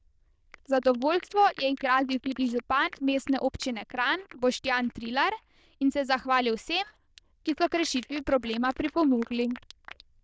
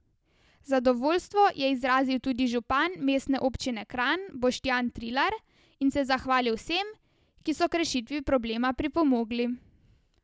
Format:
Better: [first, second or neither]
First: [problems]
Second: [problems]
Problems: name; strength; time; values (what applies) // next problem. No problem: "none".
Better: second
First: noise reduction (neural diffusion model UNIVERSE++)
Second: none